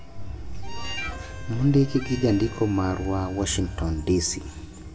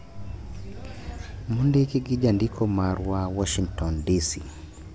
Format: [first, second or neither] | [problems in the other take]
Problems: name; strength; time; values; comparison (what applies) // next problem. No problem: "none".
second | background sound (Harmonica); 18 dB below the speech // room echo; dies away in 1.2 s